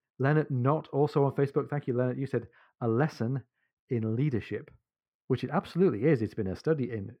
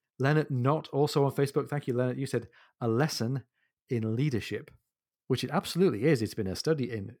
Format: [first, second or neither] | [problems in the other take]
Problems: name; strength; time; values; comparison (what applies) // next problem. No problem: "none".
second | muffled; slightly; fading above 3.5 kHz